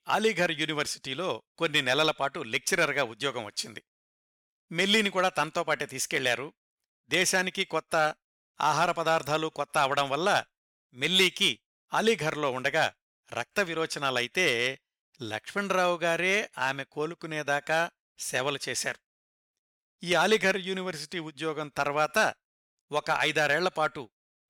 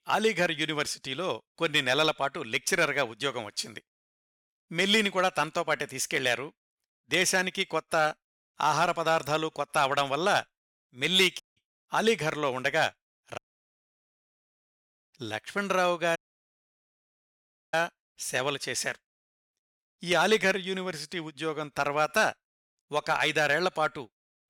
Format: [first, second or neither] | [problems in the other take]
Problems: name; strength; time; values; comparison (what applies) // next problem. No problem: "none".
first | audio cutting out; at 11 s, at 13 s for 1.5 s and at 16 s for 1.5 s